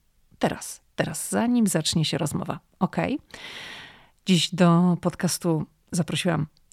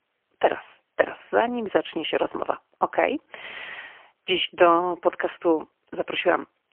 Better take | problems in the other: first | phone-call audio; poor line; nothing above 3 kHz

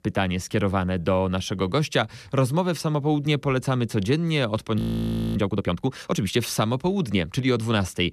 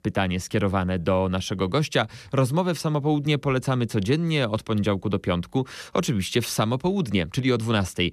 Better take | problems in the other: second | audio freezing; at 5 s for 0.5 s

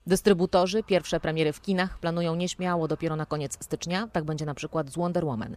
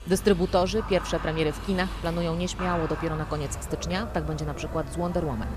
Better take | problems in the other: first | animal sounds; loud; throughout; 8 dB below the speech; faint in the first

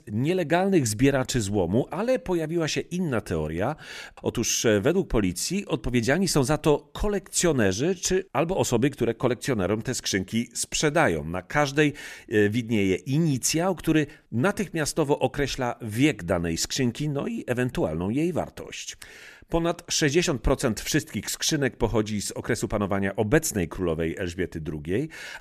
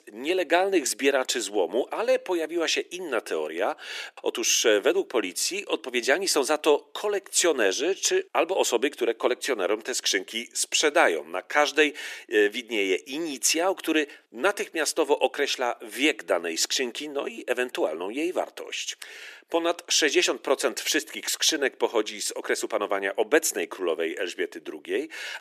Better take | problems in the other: first | thin; somewhat; fading below 350 Hz

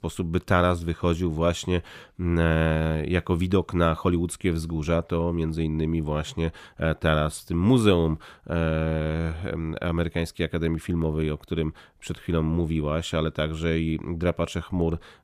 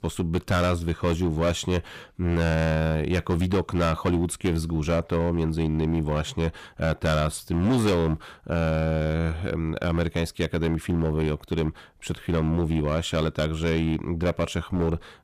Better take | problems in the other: first | distortion; slight; 12% of the sound clipped

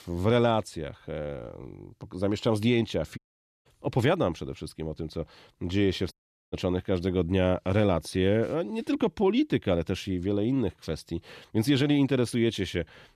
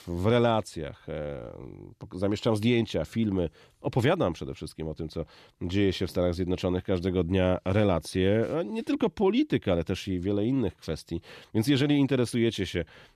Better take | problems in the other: second | audio cutting out; at 3 s and at 6 s

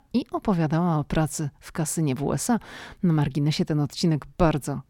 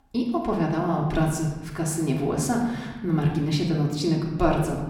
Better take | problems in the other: first | room echo; noticeable; dies away in 1 s // off-mic speech; far

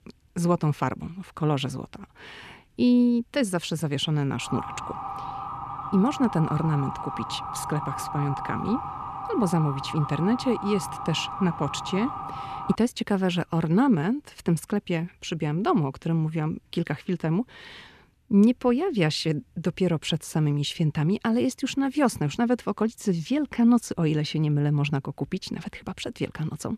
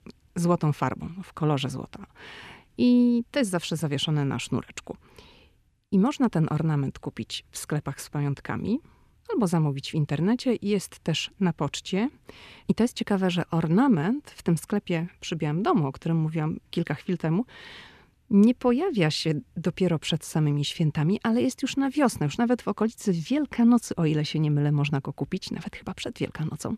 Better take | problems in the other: second | siren; noticeable; from 4.5 to 13 s; peak 7 dB below the speech

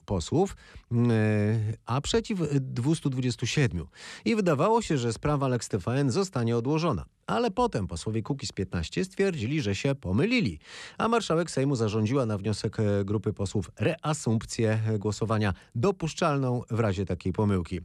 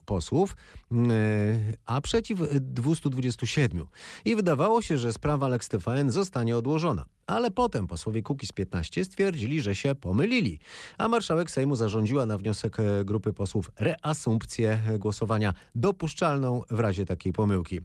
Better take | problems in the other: first | garbled, watery; slightly

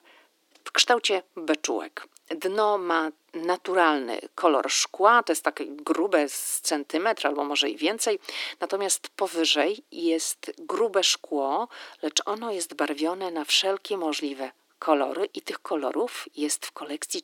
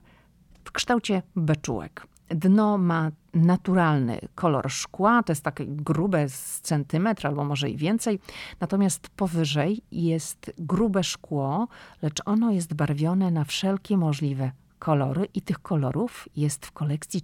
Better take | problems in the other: second | thin; very; fading below 300 Hz

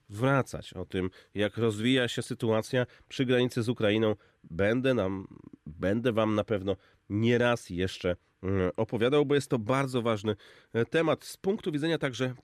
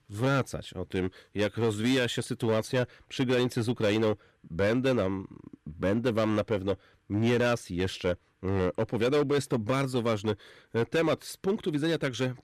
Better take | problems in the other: first | distortion; slight; 8% of the sound clipped

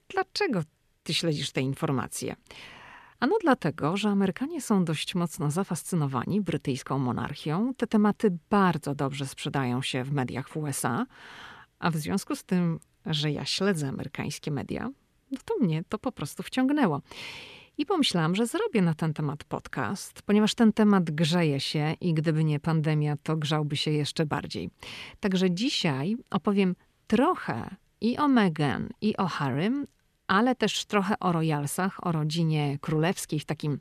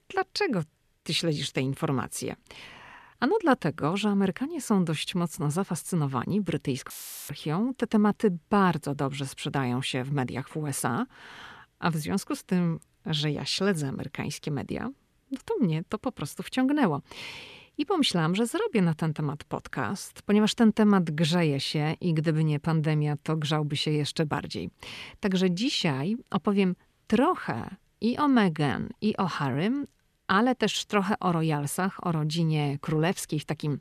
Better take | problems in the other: first | audio cutting out; filled with static; at 7 s

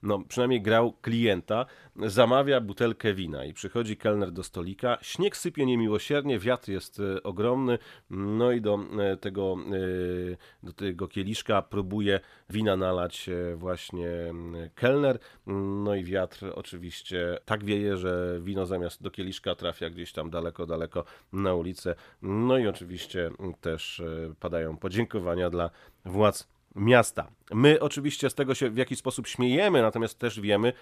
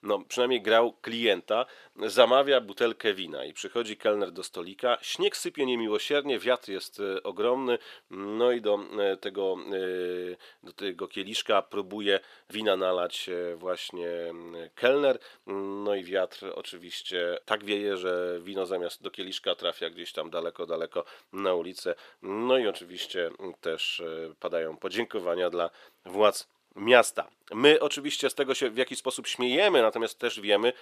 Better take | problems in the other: first | thin; somewhat; fading below 450 Hz

